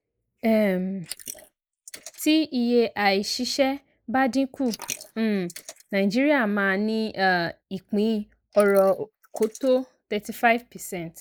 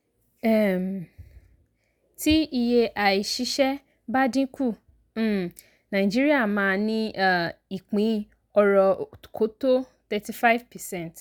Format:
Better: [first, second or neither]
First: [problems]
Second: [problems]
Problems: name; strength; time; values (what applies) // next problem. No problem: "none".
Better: second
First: noise reduction (neural mask model Resemble Enhance denoiser)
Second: none